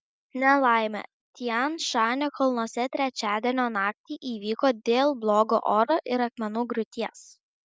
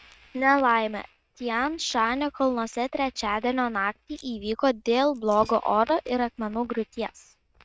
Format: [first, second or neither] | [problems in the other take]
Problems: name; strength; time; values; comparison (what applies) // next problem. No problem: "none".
first | noise reduction (neural mask model RNNoise)